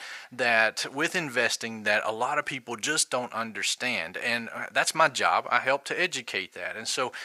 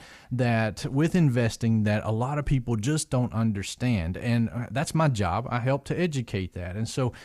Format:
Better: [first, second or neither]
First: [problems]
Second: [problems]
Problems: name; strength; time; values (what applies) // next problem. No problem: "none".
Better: second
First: thin; very; fading below 600 Hz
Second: none